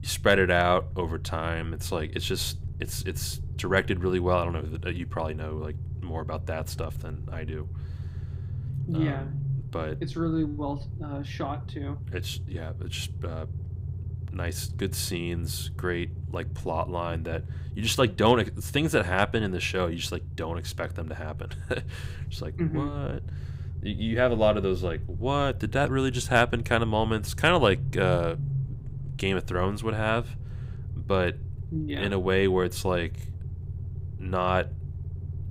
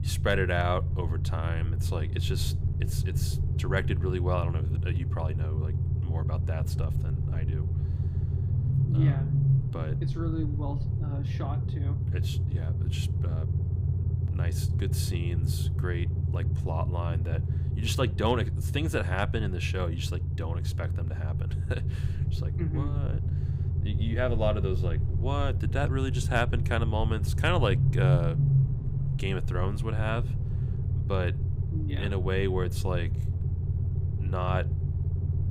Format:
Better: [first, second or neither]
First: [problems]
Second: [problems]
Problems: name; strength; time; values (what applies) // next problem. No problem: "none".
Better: first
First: low rumble; faint; throughout; 20 dB below the speech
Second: low rumble; loud; throughout; 8 dB below the speech